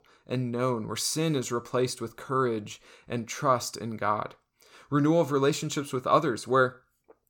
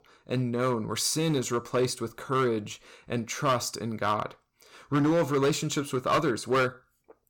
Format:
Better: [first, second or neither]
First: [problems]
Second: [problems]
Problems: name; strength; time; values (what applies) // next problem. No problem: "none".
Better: first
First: none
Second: distortion; slight; 5% of the sound clipped